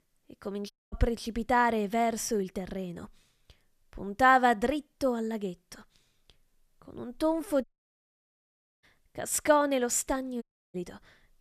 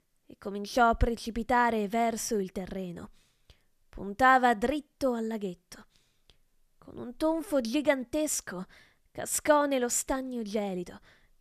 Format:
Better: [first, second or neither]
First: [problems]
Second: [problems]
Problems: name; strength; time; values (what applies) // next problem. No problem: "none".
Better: second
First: audio cutting out; at 0.5 s, at 7.5 s for 1 s and at 10 s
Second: none